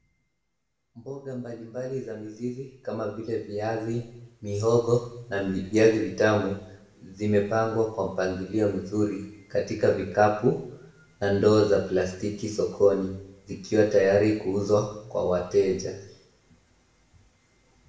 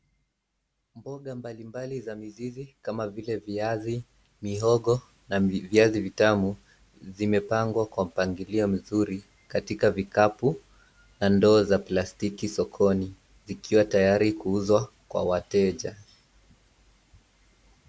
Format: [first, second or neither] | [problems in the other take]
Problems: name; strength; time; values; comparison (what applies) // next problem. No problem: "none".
second | room echo; dies away in 0.7 s